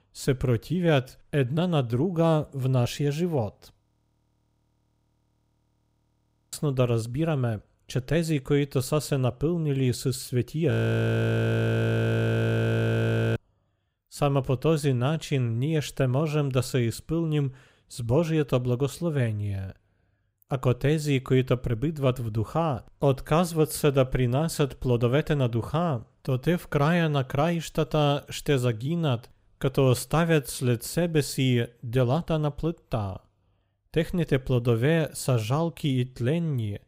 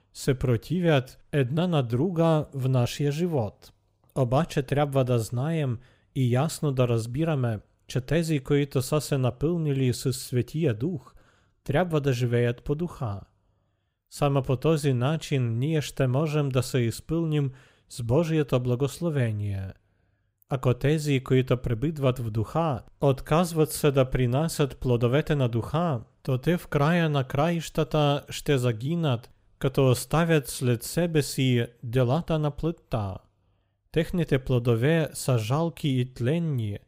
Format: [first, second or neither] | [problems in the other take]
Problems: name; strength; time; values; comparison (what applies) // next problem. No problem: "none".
second | audio freezing; at 4 s for 2.5 s and at 11 s for 2.5 s